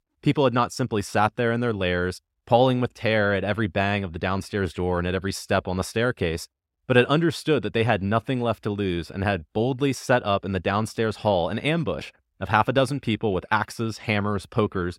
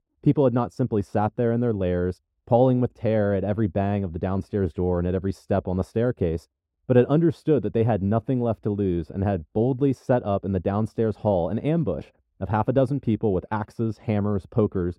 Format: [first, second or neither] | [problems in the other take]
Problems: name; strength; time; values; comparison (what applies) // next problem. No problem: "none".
first | muffled; slightly; fading above 1 kHz